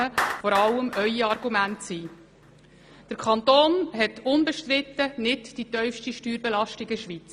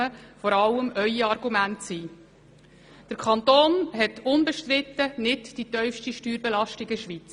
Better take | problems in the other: second | background sound (Clapping); 13 dB below the speech

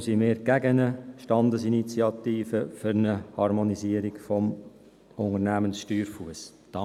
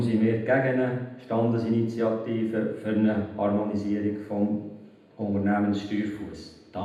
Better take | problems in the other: first | room echo; dies away in 0.8 s

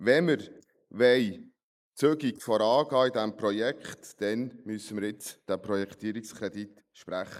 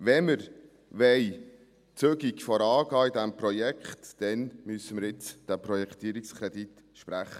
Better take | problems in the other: second | noise reduction (neural mask model Resemble Enhance denoiser)

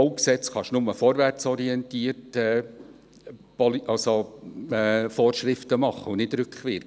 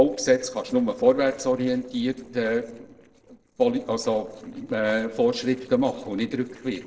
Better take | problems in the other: first | noise reduction (neural separator model SepFormer DNS4)

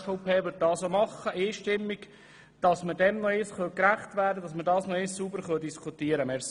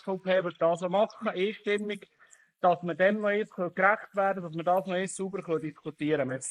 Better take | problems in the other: first | noise reduction (neural mask model Resemble Enhance denoiser)

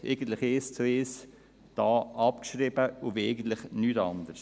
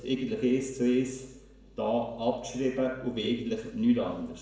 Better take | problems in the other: first | room echo; dies away in 0.7 s

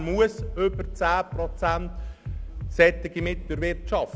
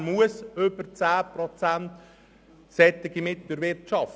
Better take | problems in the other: second | background sound (Bass drum); 7 dB below the speech

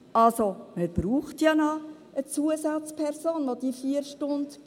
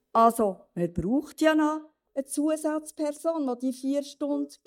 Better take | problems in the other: first | noise reduction (neural mask model DeepFilterNet 3)

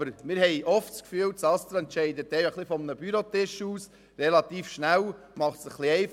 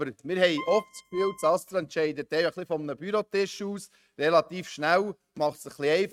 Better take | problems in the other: first | noise reduction (neural mask model RNNoise)

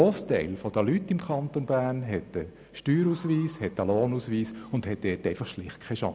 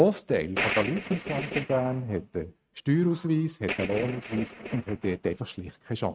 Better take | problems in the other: first | noise reduction (neural mask model RNNoise)

